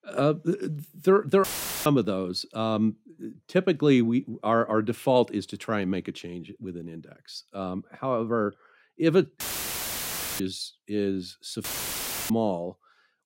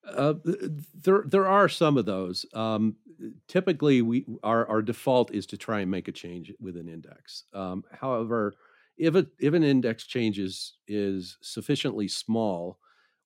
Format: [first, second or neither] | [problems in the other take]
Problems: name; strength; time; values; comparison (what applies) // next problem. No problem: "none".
second | audio cutting out; filled with static; at 1.5 s, at 9.5 s for 1 s and at 12 s for 0.5 s